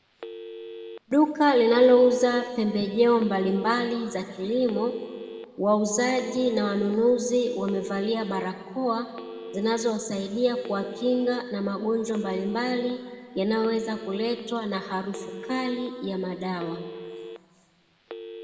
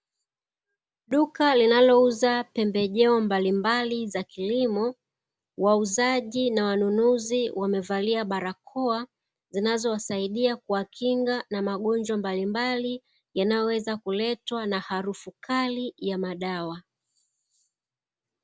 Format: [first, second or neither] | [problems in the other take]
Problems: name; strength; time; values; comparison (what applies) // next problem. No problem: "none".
second | background sound (Telephone); 16 dB below the speech // room echo; dies away in 1.6 s